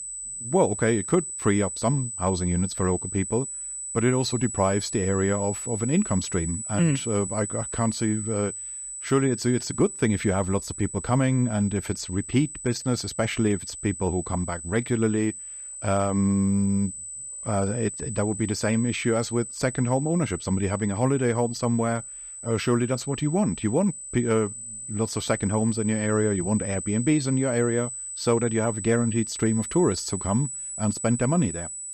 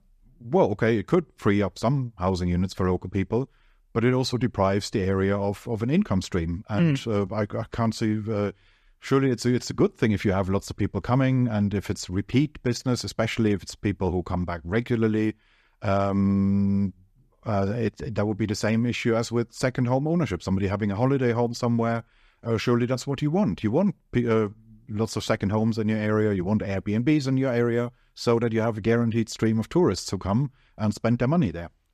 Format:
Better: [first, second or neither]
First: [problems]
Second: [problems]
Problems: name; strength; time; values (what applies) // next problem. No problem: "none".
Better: second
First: high-pitched whine; loud; throughout; 8 kHz, 7 dB below the speech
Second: none